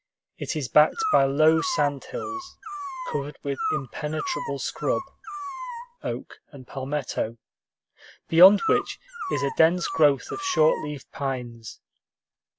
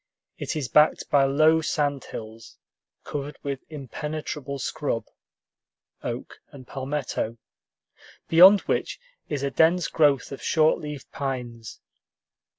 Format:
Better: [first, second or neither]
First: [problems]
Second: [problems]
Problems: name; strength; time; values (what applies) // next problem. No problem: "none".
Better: second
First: background sound (Dog); 7 dB below the speech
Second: none